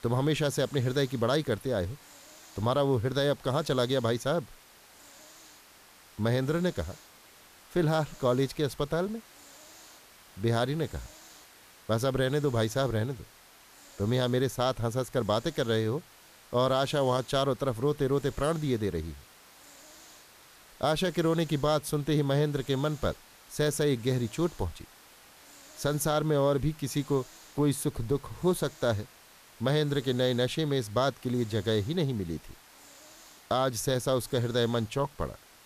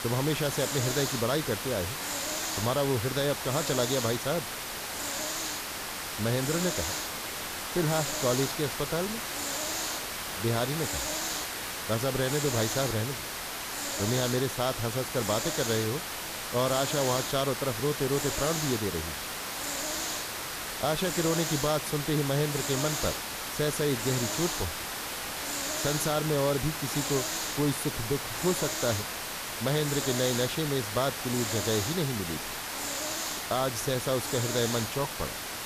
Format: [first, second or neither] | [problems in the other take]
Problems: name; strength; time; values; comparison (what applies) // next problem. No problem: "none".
first | hiss; loud; throughout; 1 dB below the speech; faint in the first